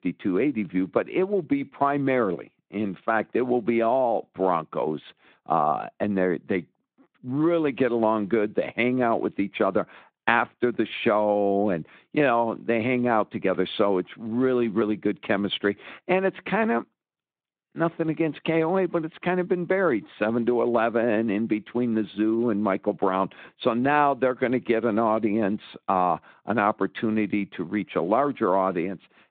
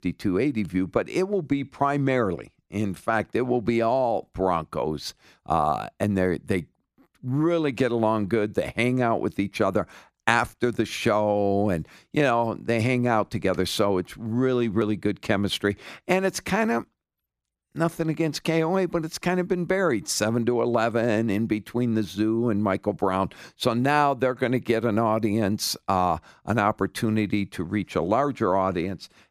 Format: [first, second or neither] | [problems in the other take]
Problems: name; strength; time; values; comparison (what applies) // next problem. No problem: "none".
second | phone-call audio; nothing above 3.5 kHz